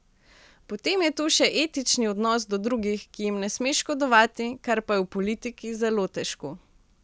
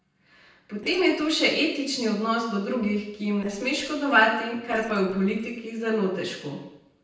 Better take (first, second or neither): first